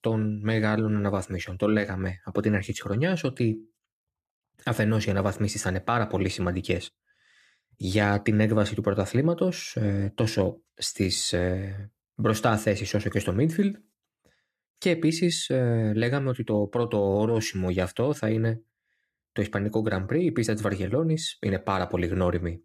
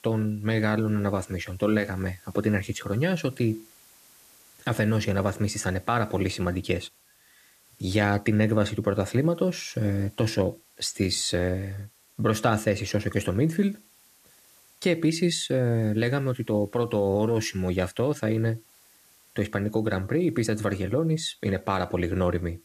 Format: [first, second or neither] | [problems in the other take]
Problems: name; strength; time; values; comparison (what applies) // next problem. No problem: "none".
first | hiss; faint; throughout; 30 dB below the speech